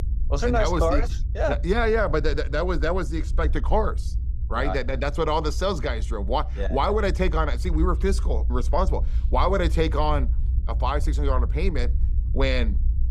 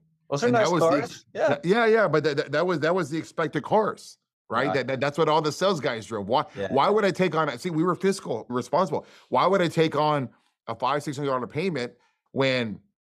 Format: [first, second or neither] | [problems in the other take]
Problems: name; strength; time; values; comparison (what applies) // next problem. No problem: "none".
second | low rumble; faint; throughout; 20 dB below the speech